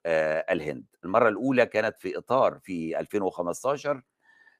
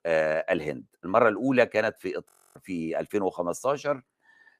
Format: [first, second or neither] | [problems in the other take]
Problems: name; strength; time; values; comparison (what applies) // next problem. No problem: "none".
first | audio freezing; at 2.5 s